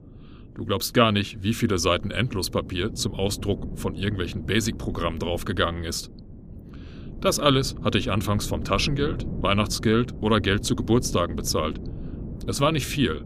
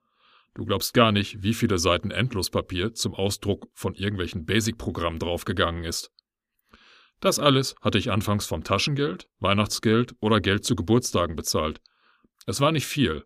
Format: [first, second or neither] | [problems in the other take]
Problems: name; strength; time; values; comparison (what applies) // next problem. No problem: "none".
second | wind noise on the microphone; occasional gusts; 20 dB below the speech